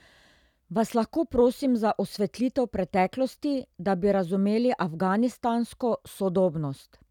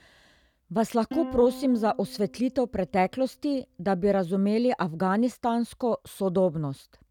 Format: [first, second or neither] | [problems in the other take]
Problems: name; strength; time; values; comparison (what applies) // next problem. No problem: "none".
first | background sound (Plucked string instrument); 16 dB below the speech